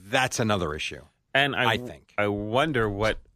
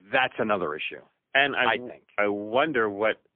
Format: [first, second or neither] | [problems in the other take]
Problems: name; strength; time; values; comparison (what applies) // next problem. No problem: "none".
first | phone-call audio; poor line; nothing above 3.5 kHz